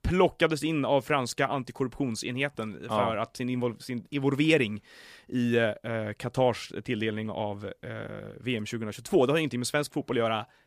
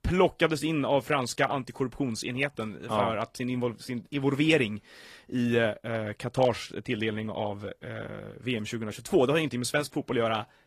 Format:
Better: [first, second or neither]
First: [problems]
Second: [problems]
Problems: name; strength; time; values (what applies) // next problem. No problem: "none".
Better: first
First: none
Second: garbled, watery; slightly; nothing above 15 kHz